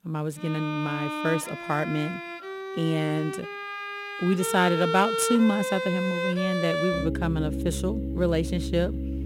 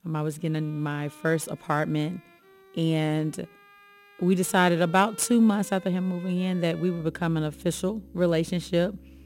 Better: second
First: background music; loud; throughout; 4 dB below the speech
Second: background music; faint; throughout; 25 dB below the speech

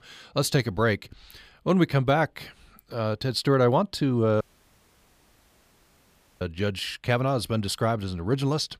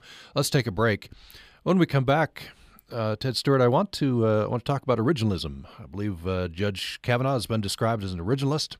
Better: second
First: audio cutting out; at 4.5 s for 2 s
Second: none

